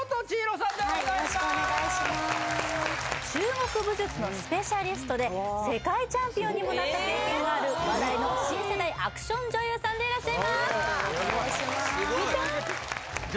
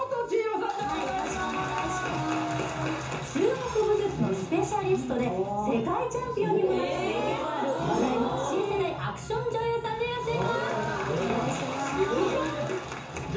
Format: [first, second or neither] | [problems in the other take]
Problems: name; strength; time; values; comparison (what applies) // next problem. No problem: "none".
first | background sound (Brass instrument); 17 dB below the speech // room echo; dies away in 0.6 s